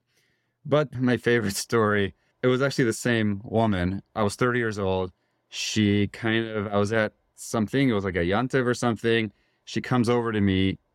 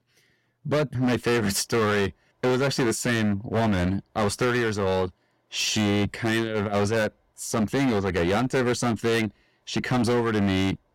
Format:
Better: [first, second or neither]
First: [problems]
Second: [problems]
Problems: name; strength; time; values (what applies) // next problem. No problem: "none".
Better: first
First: none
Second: distortion; heavy; 19% of the sound clipped